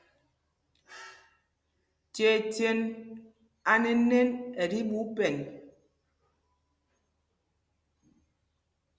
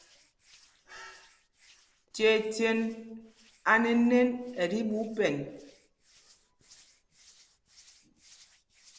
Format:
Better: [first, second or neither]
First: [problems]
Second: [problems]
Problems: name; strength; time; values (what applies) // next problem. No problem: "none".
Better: first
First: none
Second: noise reduction (neural separator model SepFormer DNS4)